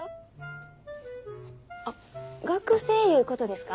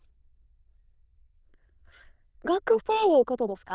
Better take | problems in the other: first | noise reduction (neural diffusion model UNIVERSE++)

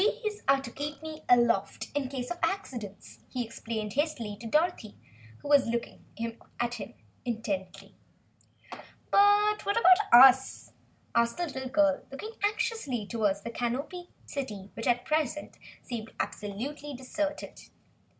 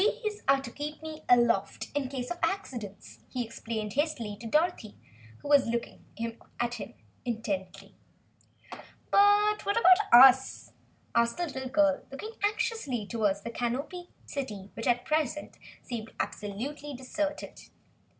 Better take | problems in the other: second | background sound (Burping, eructation); 15 dB below the speech

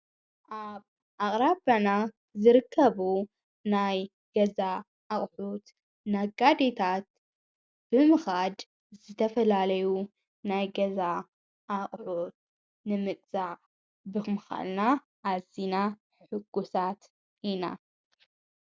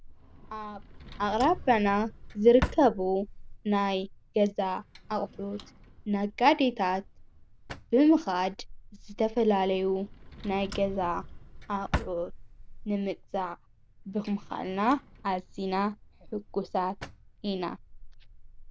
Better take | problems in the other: first | background sound (Drawer open or close); 13 dB below the speech

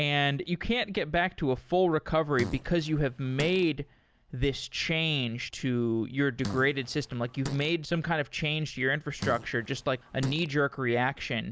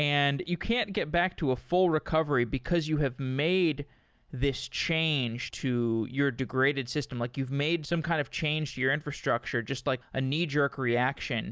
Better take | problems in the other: second | background sound (Fart); 12 dB below the speech

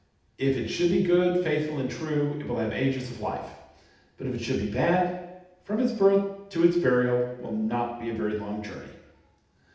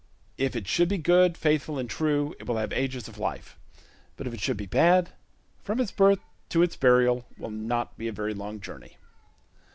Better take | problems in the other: second | room echo; dies away in 0.8 s

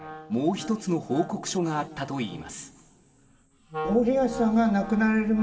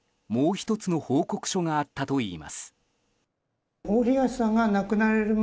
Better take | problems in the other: second | background sound (Wind instrument, woodwind instrument); 14 dB below the speech // room echo; dies away in 2.6 s

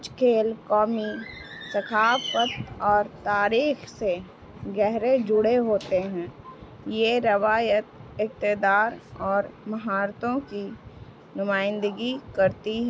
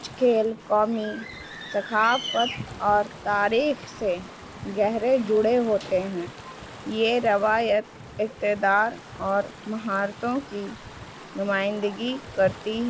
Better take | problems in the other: first | background sound (Stream / Ocean); 20 dB below the speech

